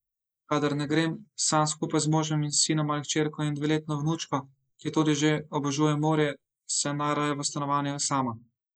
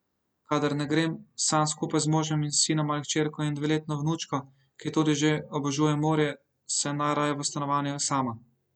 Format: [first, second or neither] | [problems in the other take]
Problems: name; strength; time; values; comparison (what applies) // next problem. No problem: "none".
second | noise reduction (neural mask model Resemble Enhance denoiser)